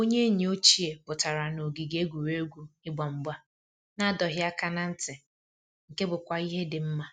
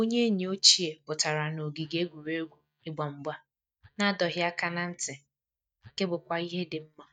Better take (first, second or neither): first